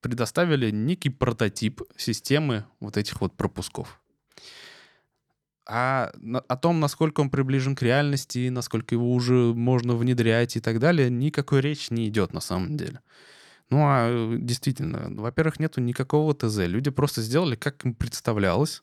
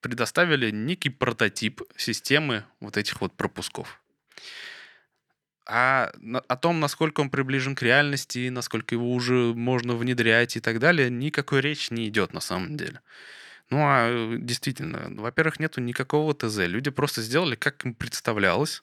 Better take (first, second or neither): first